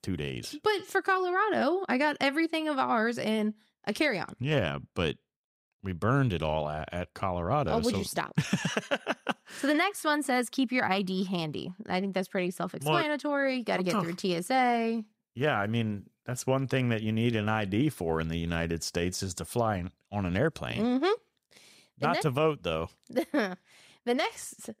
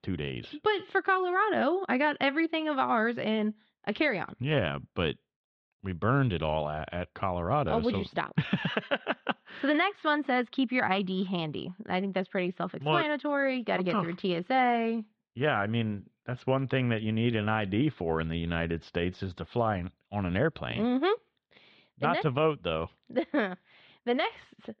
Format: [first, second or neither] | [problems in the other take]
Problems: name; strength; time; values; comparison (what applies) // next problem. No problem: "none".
first | muffled; slightly; fading above 3.5 kHz